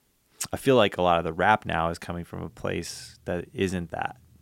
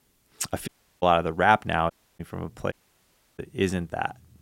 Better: first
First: none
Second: audio cutting out; at 0.5 s, at 2 s and at 2.5 s for 0.5 s

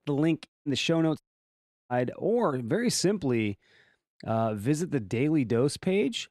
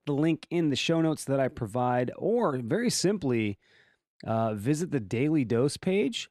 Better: second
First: audio cutting out; at 0.5 s and at 1 s for 0.5 s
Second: none

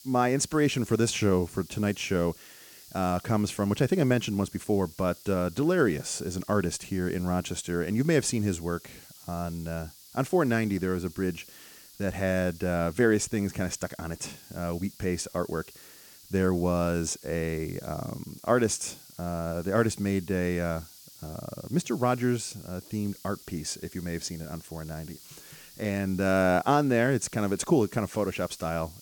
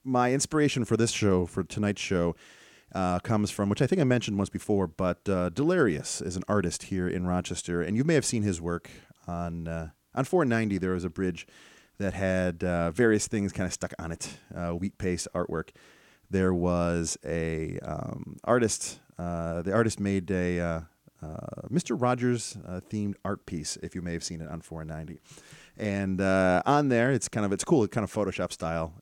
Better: second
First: hiss; noticeable; throughout; 20 dB below the speech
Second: none

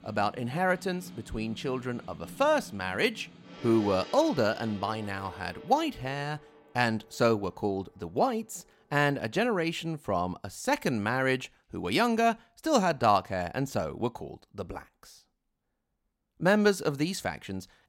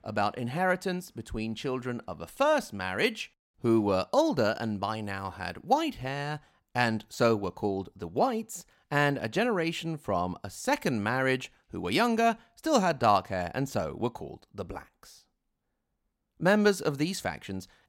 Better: second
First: background music; noticeable; until 9 s; 20 dB below the speech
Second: none

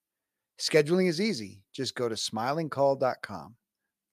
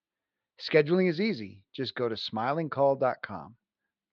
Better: first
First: none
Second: muffled; very slightly; fading above 4 kHz

